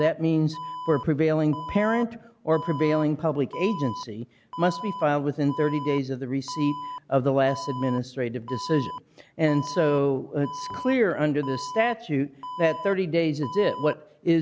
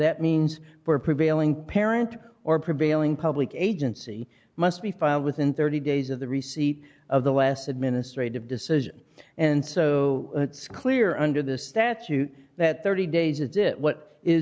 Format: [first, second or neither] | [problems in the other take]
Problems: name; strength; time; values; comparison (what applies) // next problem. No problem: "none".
second | background sound (Alarm); 13 dB below the speech